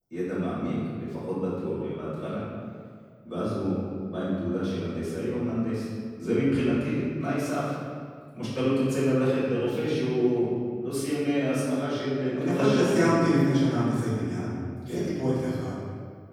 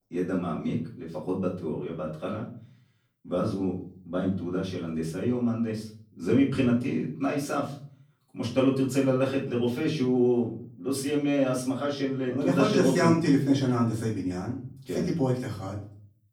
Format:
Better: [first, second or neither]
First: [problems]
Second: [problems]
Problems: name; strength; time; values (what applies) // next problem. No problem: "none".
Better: second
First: room echo; strong; dies away in 1.8 s // off-mic speech; far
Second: room echo; slight; dies away in 0.4 s // off-mic speech; far